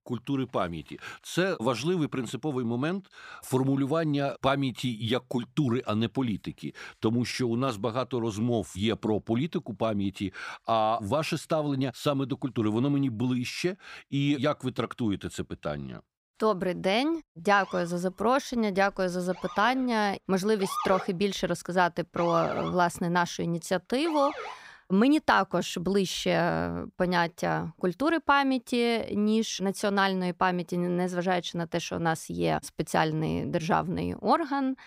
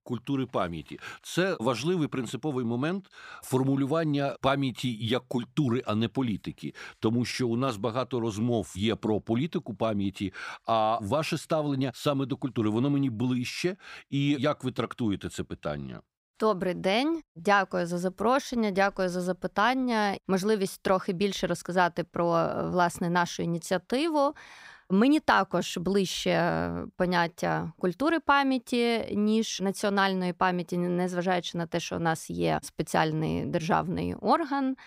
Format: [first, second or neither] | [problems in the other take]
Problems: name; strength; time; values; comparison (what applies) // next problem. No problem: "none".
second | siren; noticeable; from 18 to 25 s; peak 5 dB below the speech